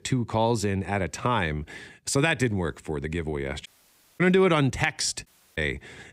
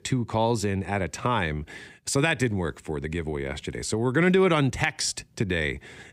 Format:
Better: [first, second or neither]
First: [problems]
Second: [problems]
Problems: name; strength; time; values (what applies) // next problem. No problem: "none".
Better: second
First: audio cutting out; at 3.5 s for 0.5 s and at 5.5 s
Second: none